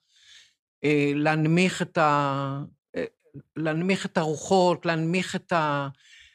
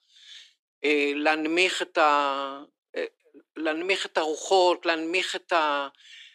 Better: first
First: none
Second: thin; somewhat; fading below 300 Hz

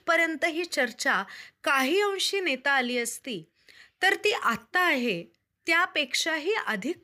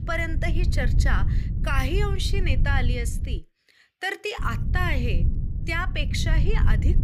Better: first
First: none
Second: wind noise on the microphone; occasional gusts; until 3.5 s and from 4.5 s on; 10 dB below the speech

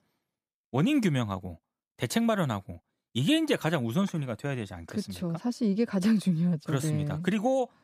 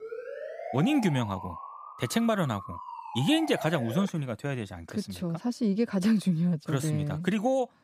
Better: first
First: none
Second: siren; noticeable; until 4 s; peak 9 dB below the speech

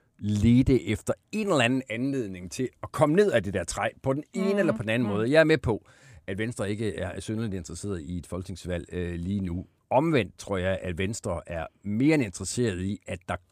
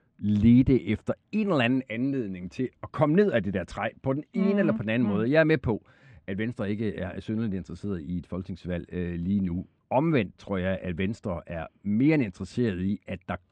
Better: first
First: none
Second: muffled; slightly; fading above 3 kHz

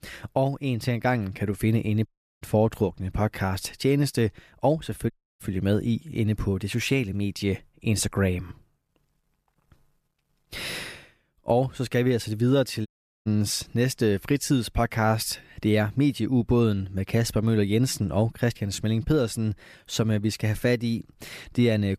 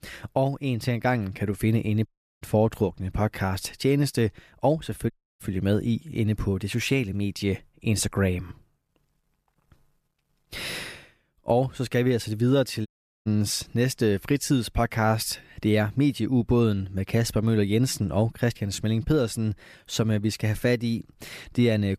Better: neither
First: audio cutting out; at 2 s, at 5 s and at 13 s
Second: audio cutting out; at 2 s, at 5 s and at 13 s

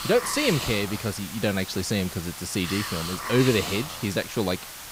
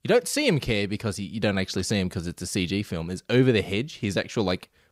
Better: second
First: hiss; loud; throughout; 6 dB below the speech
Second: none

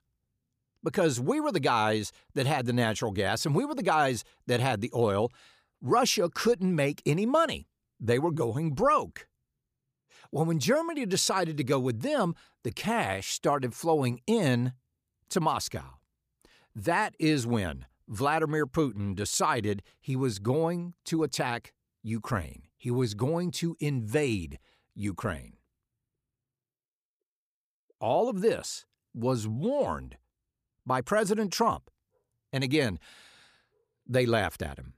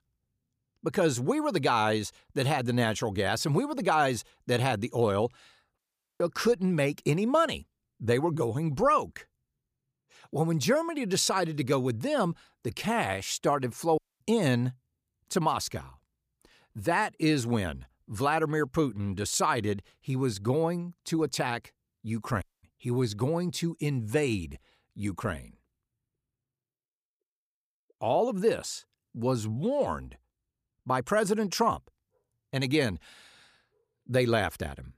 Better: first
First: none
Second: audio cutting out; at 6 s, at 14 s and at 22 s

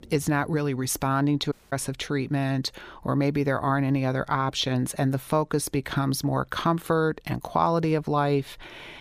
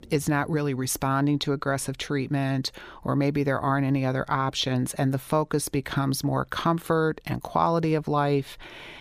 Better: second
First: audio cutting out; at 1.5 s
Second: none

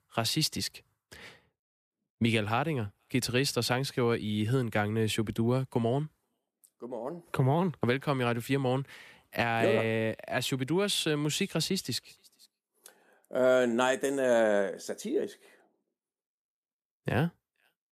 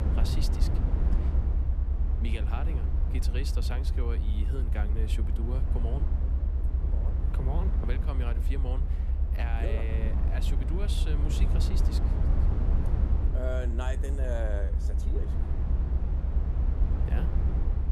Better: first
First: none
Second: low rumble; loud; throughout; 3 dB below the speech

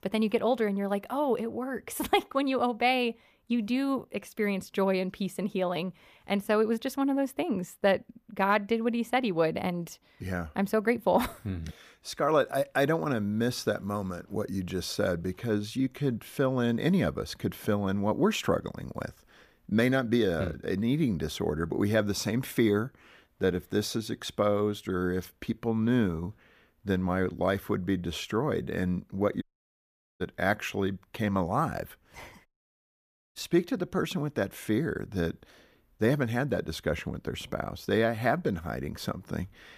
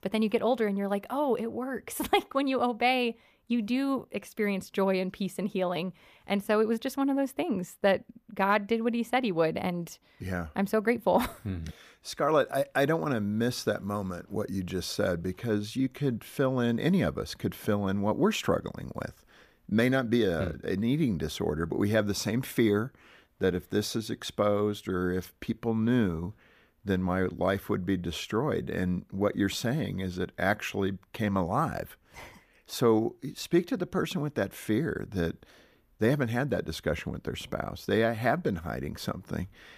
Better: second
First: audio cutting out; at 29 s for 1 s and at 32 s for 1 s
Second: none

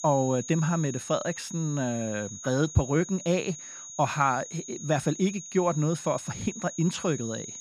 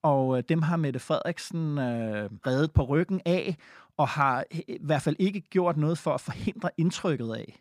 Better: second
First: high-pitched whine; noticeable; throughout; 6.5 kHz, 10 dB below the speech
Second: none

